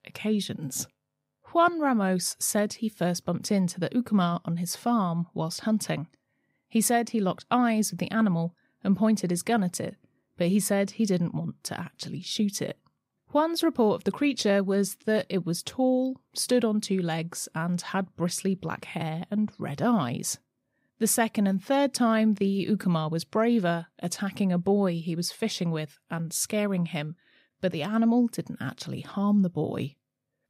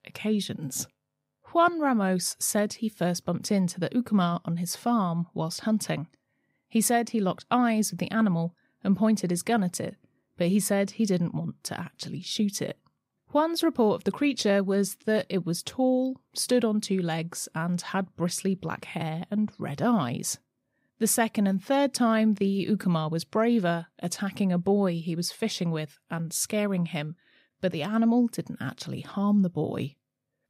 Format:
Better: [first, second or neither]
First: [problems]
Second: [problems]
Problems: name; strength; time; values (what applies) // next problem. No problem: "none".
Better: neither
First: none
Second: none